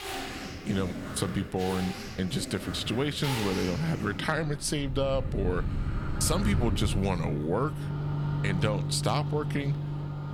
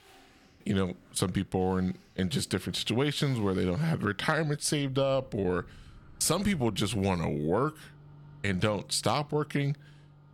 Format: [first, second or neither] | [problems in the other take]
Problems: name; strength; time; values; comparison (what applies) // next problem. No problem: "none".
second | household noises; loud; throughout; 3 dB below the speech; faint in the second